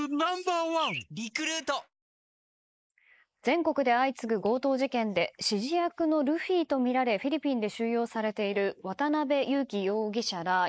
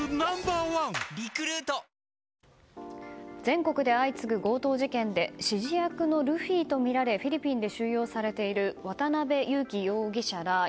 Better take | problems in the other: second | noise reduction (neural mask model Resemble Enhance denoiser)

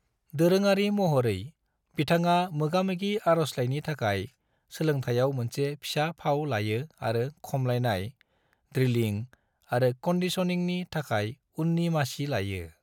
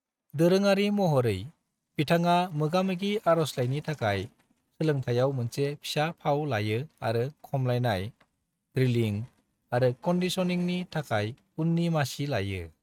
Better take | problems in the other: first | noise reduction (neural mask model RNNoise)

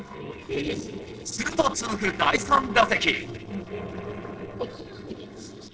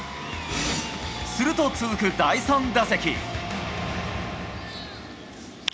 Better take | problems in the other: second | noise reduction (neural separator model SepFormer DNS4)

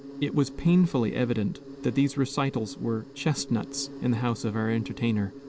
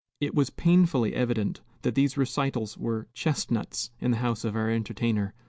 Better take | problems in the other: second | background sound (Insect); 15 dB below the speech

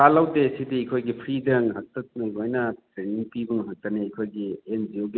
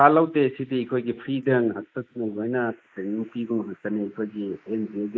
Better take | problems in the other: first | noise reduction (neural mask model Resemble Enhance denoiser)

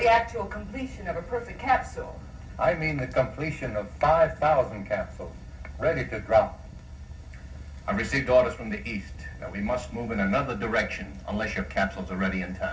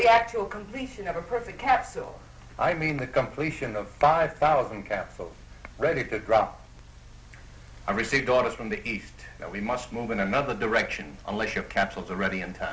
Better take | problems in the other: second | background sound (Fire); 18 dB below the speech // room echo; dies away in 0.4 s

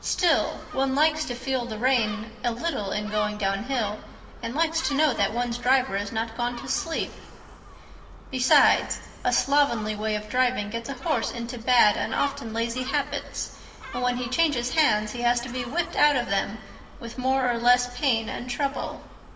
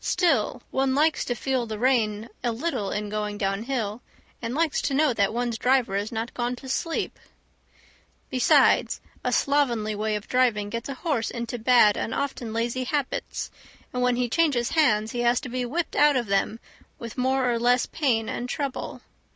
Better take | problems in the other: second | background sound (Gull, seagull); 15 dB below the speech // room echo; dies away in 2.6 s

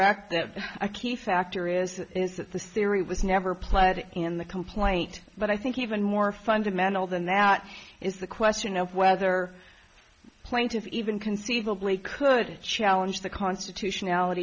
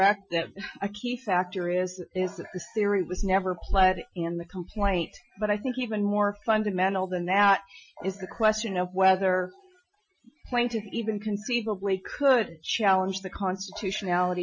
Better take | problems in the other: first | noise reduction (classical method Wiener filter)

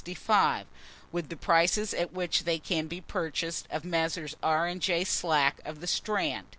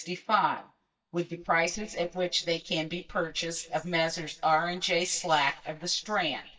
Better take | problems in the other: first | noise reduction (neural mask model DeepFilterNet 3)

